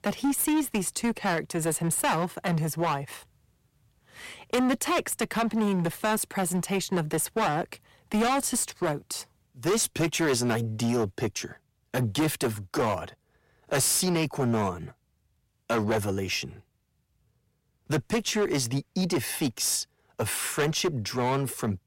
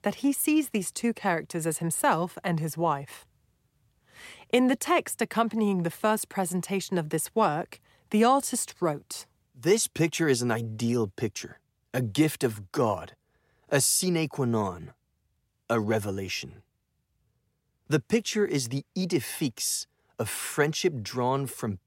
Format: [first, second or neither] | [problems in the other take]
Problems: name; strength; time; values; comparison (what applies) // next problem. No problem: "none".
second | distortion; heavy; 12% of the sound clipped